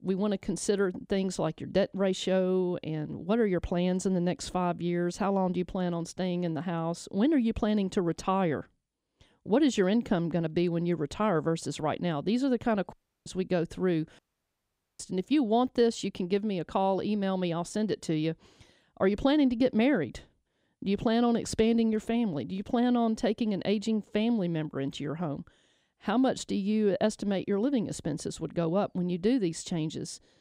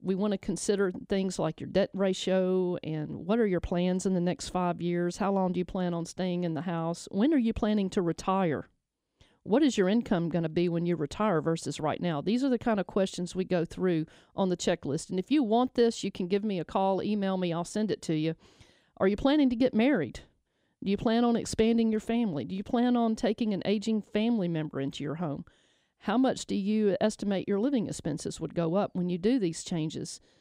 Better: second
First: audio cutting out; at 13 s and at 14 s for 1 s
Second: none

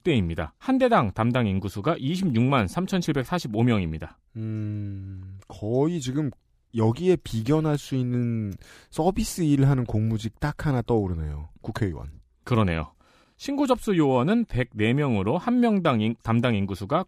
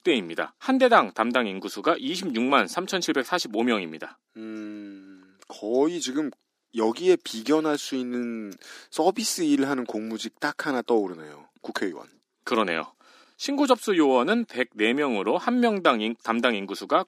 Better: first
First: none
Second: thin; somewhat; fading below 250 Hz

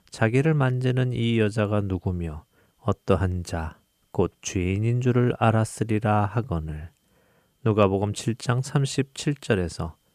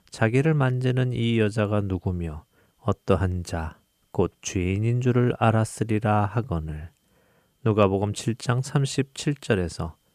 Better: neither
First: none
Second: none

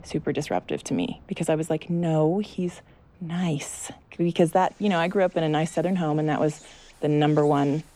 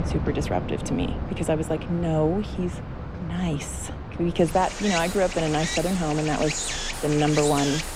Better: first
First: rain or running water; faint; throughout; 25 dB below the speech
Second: rain or running water; loud; throughout; 6 dB below the speech

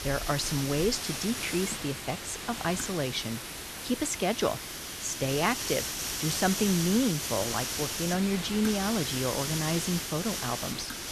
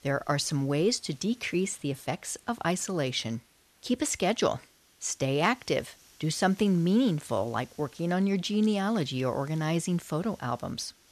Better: second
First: hiss; loud; throughout; 3 dB below the speech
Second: hiss; faint; throughout; 30 dB below the speech

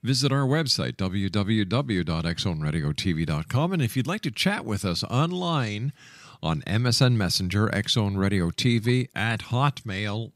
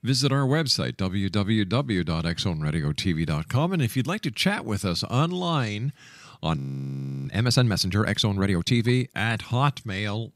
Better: first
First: none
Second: audio freezing; at 6.5 s for 0.5 s

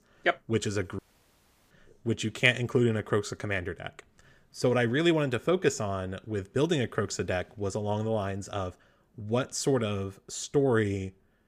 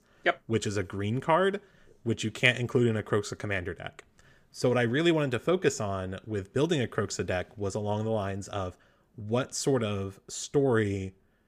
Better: second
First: audio cutting out; at 1 s for 0.5 s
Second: none

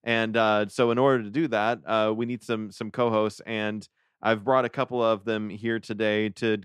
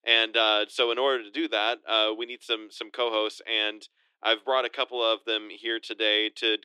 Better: first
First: none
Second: thin; very; fading below 300 Hz

